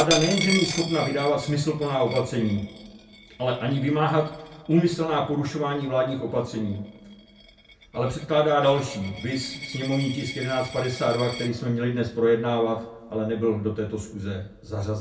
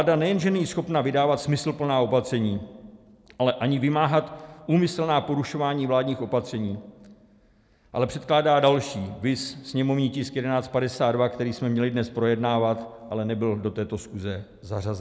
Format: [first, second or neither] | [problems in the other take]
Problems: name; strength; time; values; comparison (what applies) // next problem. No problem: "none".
second | background sound (Coin (dropping)); 12 dB below the speech // room echo; dies away in 0.3 s